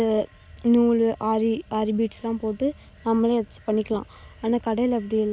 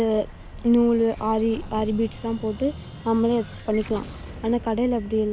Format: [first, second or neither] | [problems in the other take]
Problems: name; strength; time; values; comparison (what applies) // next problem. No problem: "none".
first | background sound (Explosion); 15 dB below the speech